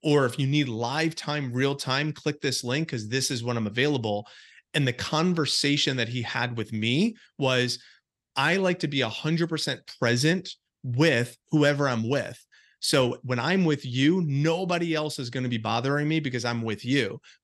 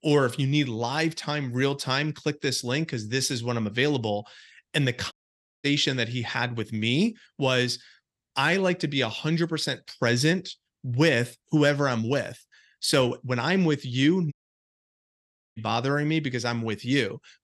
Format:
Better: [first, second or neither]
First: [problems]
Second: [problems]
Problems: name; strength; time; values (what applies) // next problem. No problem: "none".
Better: first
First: none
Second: audio cutting out; at 5 s for 0.5 s and at 14 s for 1 s